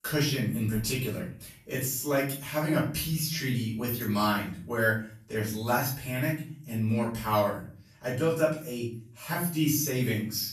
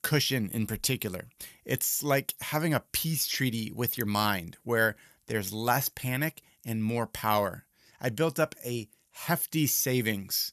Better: second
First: off-mic speech; far // room echo; noticeable; dies away in 0.5 s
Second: none

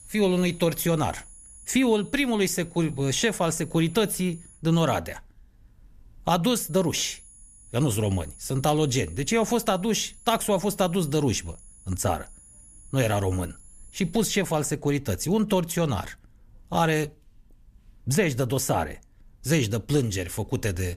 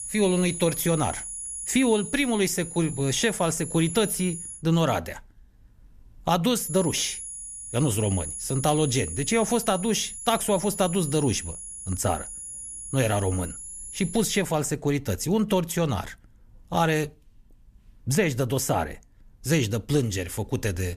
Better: first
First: high-pitched whine; faint; until 4.5 s and from 6.5 to 14 s; 10 kHz, 20 dB below the speech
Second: high-pitched whine; loud; until 4.5 s and from 6.5 to 14 s; 10 kHz, 8 dB below the speech

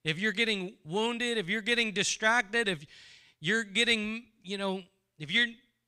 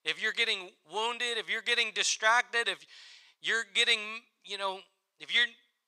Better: first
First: none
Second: thin; very; fading below 650 Hz

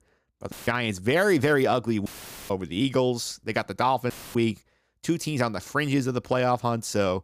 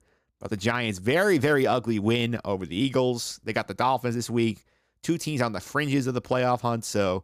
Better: second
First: audio cutting out; filled with static; at 0.5 s, at 2 s and at 4 s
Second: none

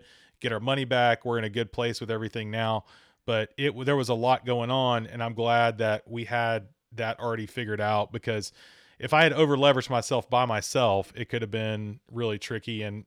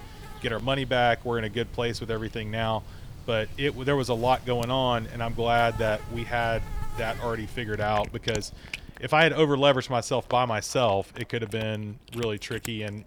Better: first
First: none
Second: animal sounds; noticeable; throughout; 15 dB below the speech

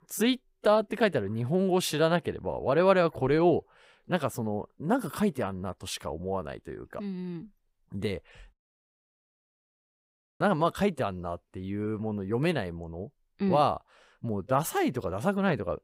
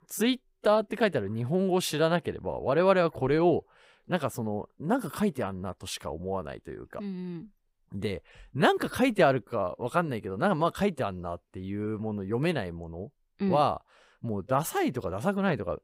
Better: second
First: audio cutting out; at 8.5 s for 2 s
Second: none

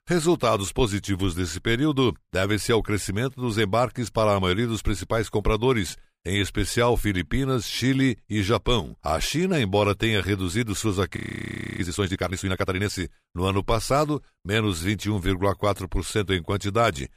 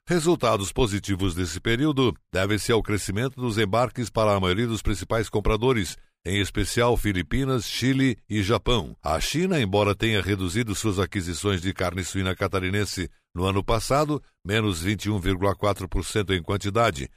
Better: second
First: audio freezing; at 11 s for 0.5 s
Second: none

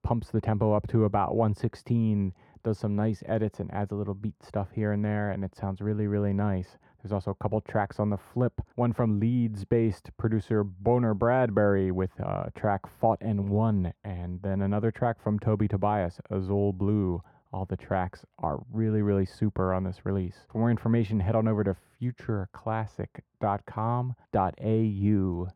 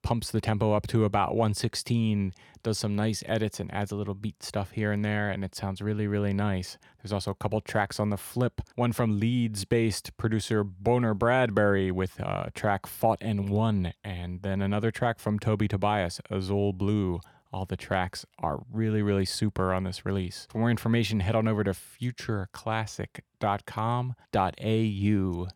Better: second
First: muffled; very; fading above 2 kHz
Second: none

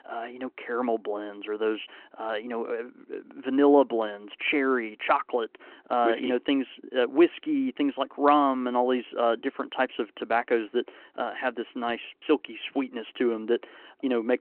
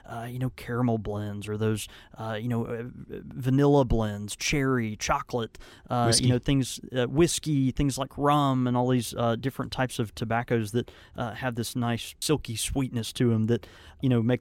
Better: second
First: phone-call audio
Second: none

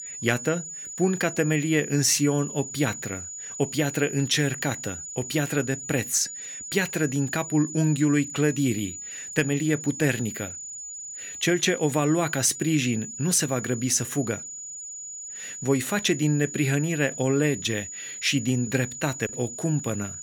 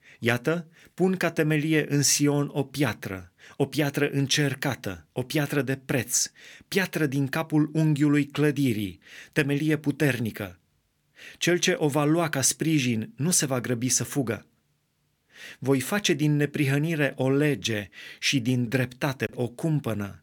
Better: second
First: high-pitched whine; loud; throughout; 7 kHz, 9 dB below the speech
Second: none

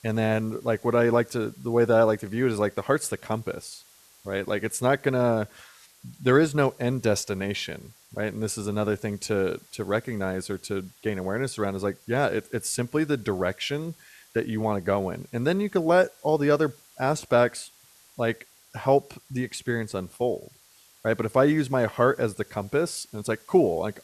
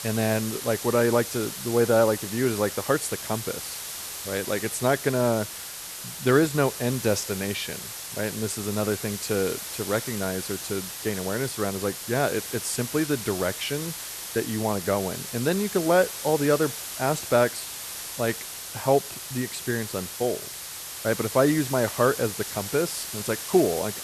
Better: first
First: hiss; faint; throughout; 25 dB below the speech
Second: hiss; loud; throughout; 7 dB below the speech

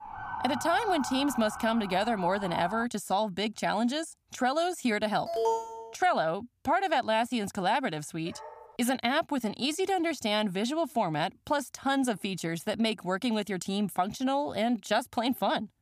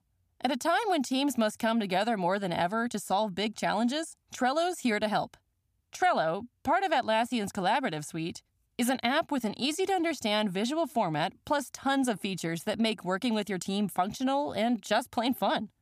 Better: second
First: siren; noticeable; until 3 s; peak 6 dB below the speech // alarm; loud; at 5.5 s; peak level with the speech // dog barking; faint; at 8.5 s; peak 15 dB below the speech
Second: none

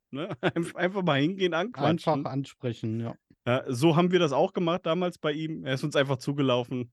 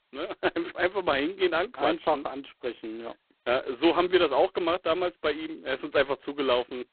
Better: first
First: none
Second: phone-call audio; poor line; nothing above 4 kHz

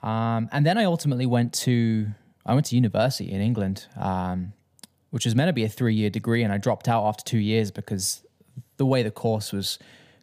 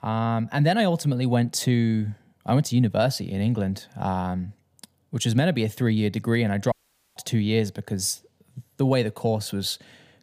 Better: first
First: none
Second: audio cutting out; at 6.5 s

